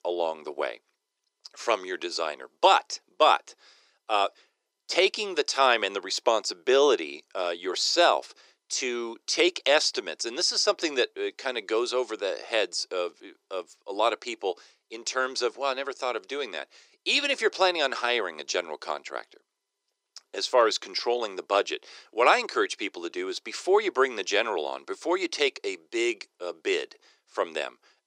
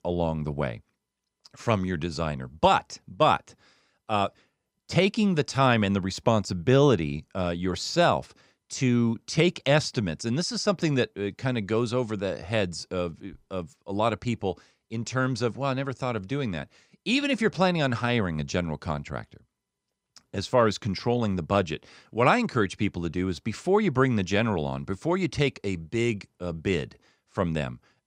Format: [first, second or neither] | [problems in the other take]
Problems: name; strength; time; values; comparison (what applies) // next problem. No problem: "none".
second | thin; very; fading below 350 Hz